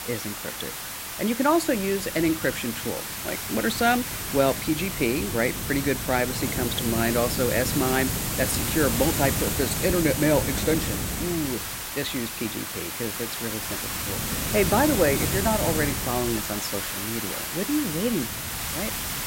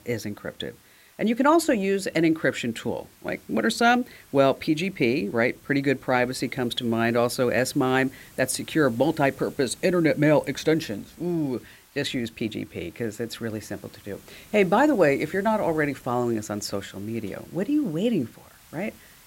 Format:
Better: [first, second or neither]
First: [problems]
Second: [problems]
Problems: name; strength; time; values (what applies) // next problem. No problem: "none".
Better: second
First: hiss; loud; throughout; 1 dB below the speech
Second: hiss; faint; throughout; 25 dB below the speech